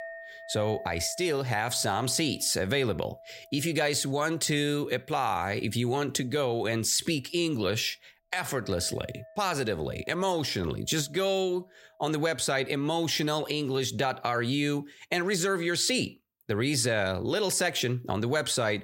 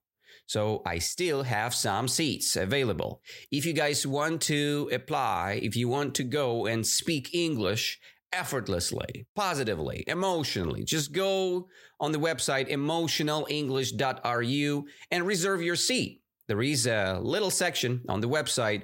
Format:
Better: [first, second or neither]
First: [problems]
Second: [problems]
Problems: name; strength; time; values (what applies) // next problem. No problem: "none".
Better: second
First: household noises; faint; until 14 s; 20 dB below the speech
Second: none